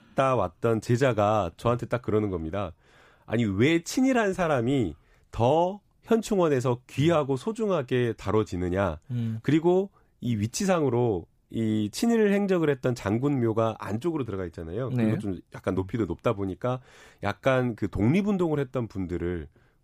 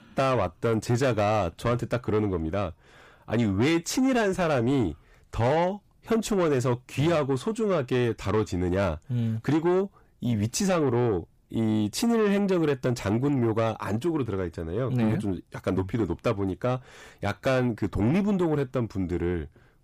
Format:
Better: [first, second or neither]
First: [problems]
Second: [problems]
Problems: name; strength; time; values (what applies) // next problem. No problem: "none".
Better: first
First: none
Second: distortion; slight; 10 dB below the speech